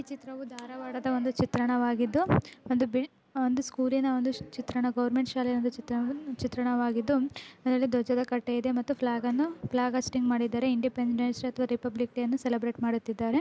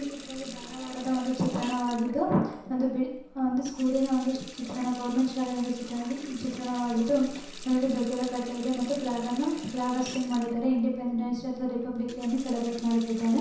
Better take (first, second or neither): first